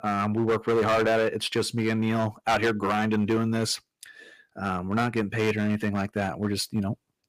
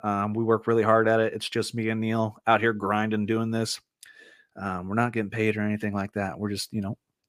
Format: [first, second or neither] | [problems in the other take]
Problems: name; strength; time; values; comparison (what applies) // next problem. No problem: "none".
second | distortion; heavy; 8% of the sound clipped